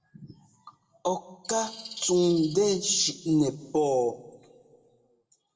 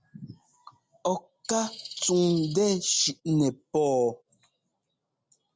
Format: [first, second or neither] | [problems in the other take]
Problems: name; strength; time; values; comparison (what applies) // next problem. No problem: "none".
second | room echo; dies away in 0.9 s